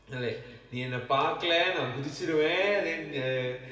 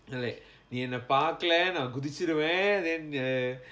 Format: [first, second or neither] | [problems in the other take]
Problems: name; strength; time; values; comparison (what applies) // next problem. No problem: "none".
second | room echo; dies away in 2.9 s